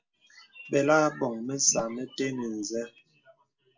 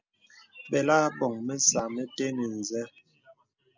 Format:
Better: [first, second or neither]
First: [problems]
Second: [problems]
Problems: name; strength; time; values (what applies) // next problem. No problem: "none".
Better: second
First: room echo; dies away in 0.2 s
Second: none